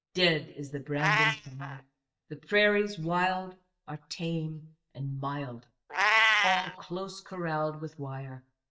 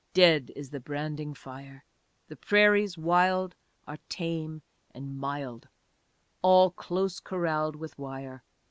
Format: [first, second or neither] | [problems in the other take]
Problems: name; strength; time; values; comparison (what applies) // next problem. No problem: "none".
second | noise reduction (neural mask model DeepFilterNet 3)